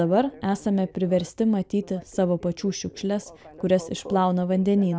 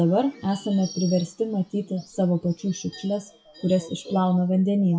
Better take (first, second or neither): first